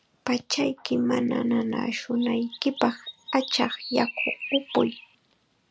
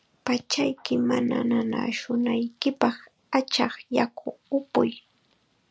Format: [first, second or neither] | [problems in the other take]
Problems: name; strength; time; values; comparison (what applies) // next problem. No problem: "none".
second | background sound (Chirp, tweet); 9 dB below the speech